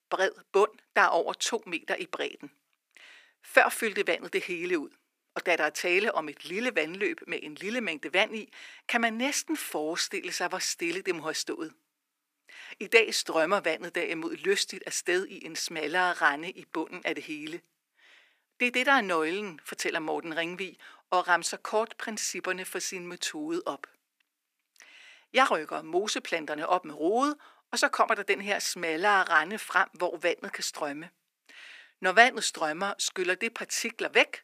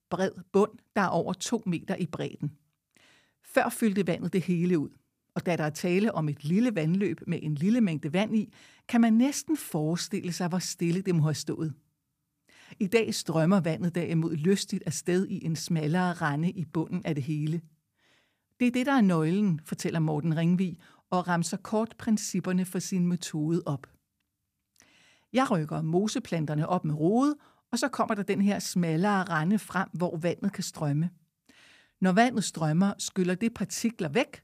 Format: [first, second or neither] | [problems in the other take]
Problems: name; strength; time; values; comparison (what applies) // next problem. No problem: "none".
second | thin; very; fading below 350 Hz